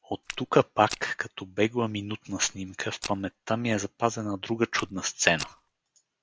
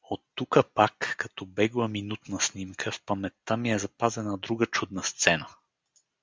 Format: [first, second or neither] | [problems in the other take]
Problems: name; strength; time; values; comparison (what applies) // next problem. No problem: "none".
second | background sound (Walk, footsteps); 15 dB below the speech